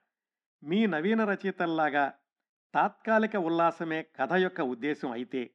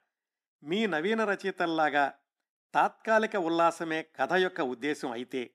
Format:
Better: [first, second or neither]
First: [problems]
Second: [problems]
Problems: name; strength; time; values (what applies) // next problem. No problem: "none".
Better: second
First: muffled; slightly; fading above 3.5 kHz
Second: none